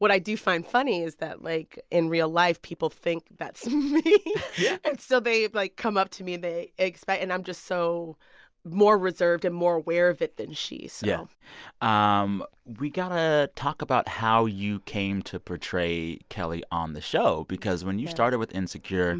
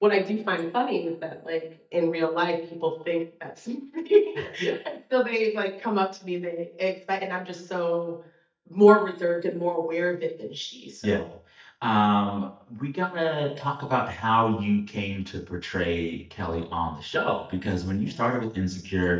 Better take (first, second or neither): first